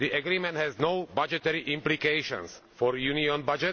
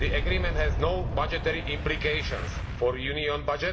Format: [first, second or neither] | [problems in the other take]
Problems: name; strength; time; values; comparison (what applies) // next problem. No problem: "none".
first | background sound (Boom); 1 dB below the speech // room echo; dies away in 0.6 s